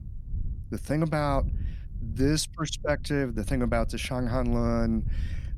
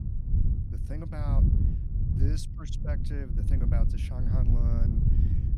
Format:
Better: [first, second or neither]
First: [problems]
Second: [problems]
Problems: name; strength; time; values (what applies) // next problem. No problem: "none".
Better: first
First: wind noise on the microphone; occasional gusts; 20 dB below the speech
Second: wind noise on the microphone; heavy; 1 dB above the speech